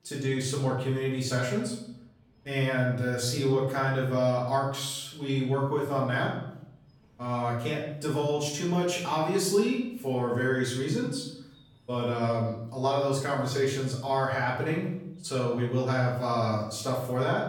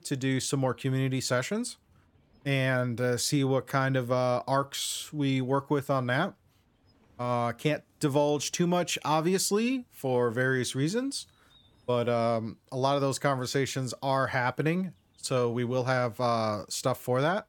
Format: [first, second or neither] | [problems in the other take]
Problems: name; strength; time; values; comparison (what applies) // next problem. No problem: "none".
second | off-mic speech; far // room echo; noticeable; dies away in 0.7 s